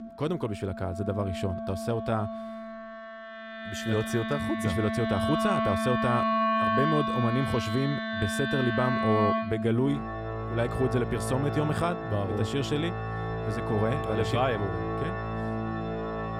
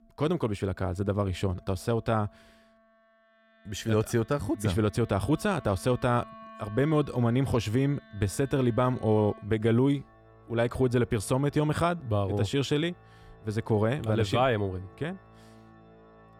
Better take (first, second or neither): second